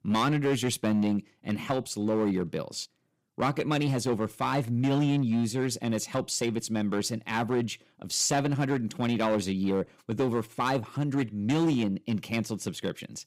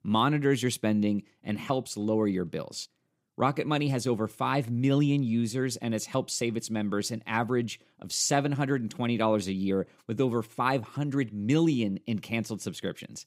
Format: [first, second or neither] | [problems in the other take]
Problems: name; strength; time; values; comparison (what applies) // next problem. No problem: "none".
second | distortion; slight; 7% of the sound clipped